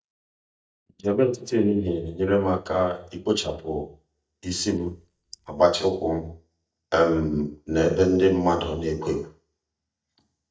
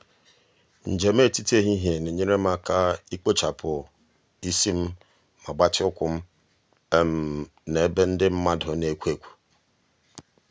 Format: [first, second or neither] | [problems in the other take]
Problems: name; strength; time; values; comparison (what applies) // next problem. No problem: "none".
second | noise reduction (neural mask model DeepFilterNet 3)